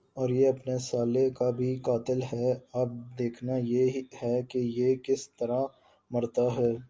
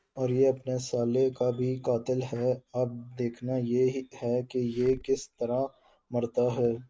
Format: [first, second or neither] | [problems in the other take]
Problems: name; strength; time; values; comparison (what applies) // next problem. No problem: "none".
first | noise reduction (neural mask model RNNoise)